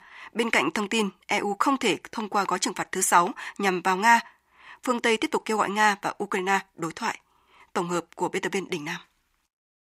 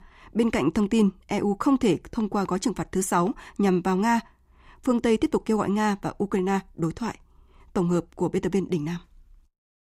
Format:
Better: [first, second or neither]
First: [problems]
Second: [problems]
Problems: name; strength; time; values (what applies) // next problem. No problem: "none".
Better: second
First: thin; somewhat; fading below 1 kHz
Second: none